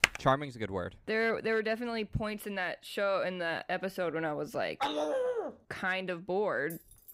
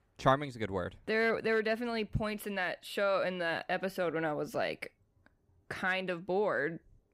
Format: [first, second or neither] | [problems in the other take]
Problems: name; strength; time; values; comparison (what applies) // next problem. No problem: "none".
second | keyboard typing; very faint; at the start; peak 5 dB above the speech // dog barking; loud; at 5 s; peak 1 dB above the speech // jangling keys; faint; at 6.5 s; peak 15 dB below the speech